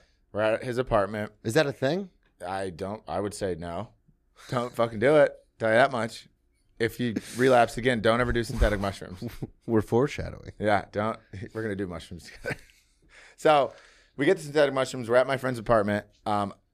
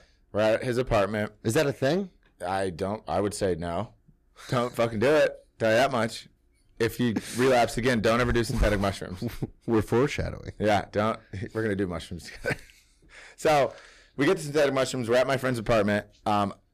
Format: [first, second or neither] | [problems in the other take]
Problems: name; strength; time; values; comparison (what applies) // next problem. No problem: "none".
first | distortion; heavy; 8% of the sound clipped